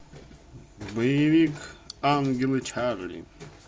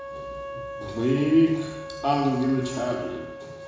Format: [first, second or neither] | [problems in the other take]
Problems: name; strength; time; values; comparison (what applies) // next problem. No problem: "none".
first | background sound (Wind instrument, woodwind instrument); 12 dB below the speech // room echo; dies away in 1 s